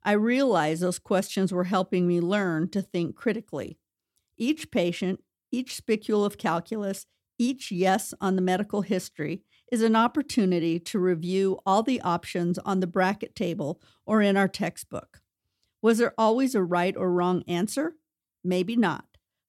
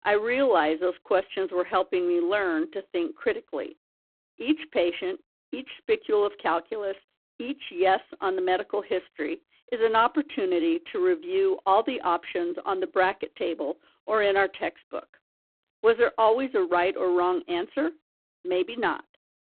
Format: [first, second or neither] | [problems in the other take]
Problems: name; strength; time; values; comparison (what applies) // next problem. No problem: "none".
first | phone-call audio; poor line